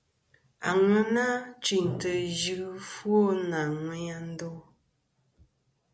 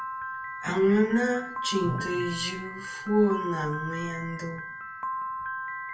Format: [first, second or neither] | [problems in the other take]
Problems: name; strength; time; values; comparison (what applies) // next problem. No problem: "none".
first | background sound (Piano); 7 dB below the speech // room echo; dies away in 0.2 s